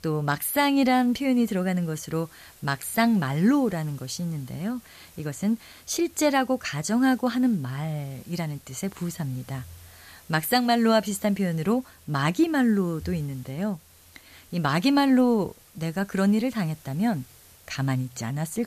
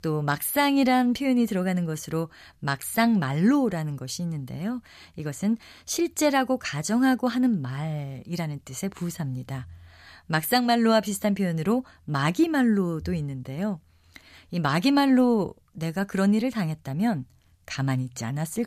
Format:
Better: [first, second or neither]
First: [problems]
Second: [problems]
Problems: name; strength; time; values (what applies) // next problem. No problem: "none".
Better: second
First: hiss; faint; throughout; 25 dB below the speech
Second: none